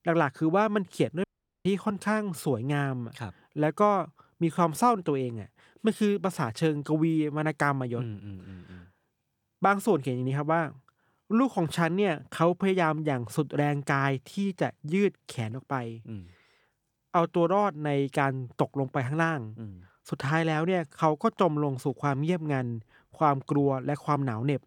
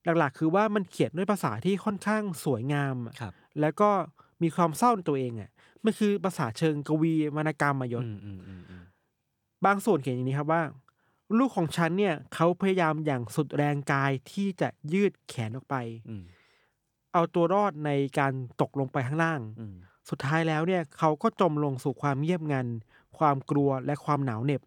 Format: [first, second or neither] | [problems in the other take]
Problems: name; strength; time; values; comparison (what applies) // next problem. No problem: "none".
second | audio cutting out; at 1 s